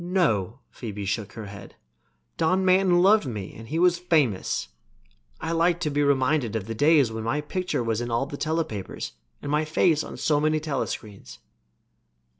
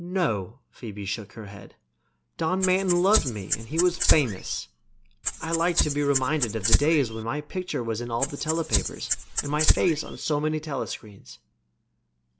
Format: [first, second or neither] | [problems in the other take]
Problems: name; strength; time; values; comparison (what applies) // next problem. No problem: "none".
first | background sound (Rattle (instrument)); 1 dB above the speech